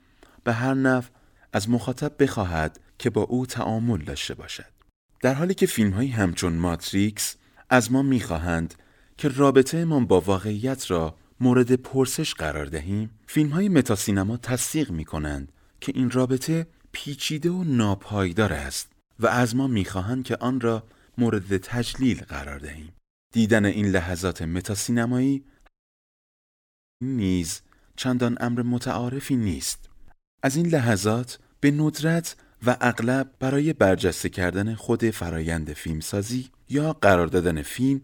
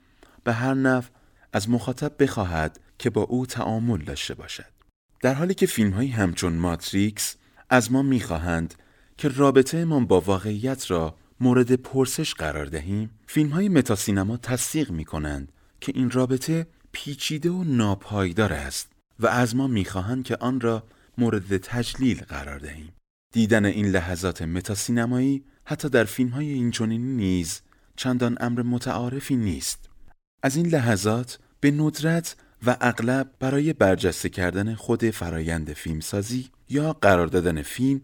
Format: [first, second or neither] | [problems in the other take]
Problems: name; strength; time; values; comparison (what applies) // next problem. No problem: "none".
second | audio cutting out; at 26 s for 1.5 s